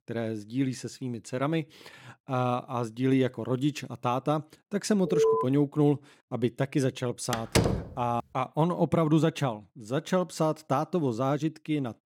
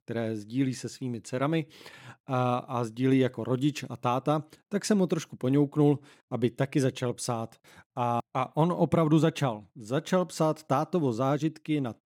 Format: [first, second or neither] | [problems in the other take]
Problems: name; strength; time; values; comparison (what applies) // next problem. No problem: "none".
second | alarm; loud; at 5 s; peak 4 dB above the speech // door banging; loud; at 7.5 s; peak 3 dB above the speech